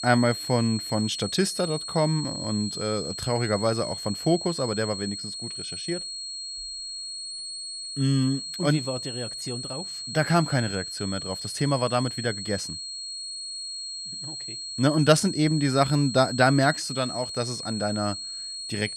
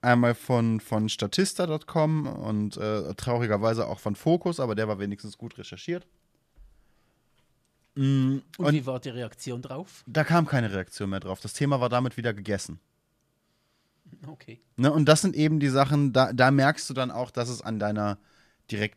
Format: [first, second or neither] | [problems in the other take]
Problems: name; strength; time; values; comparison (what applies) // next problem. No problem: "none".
second | high-pitched whine; loud; throughout; 4.5 kHz, 6 dB below the speech